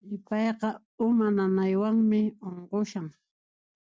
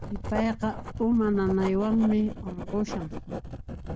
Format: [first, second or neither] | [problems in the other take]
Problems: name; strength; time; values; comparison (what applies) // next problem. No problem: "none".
first | background sound (Writing); 8 dB below the speech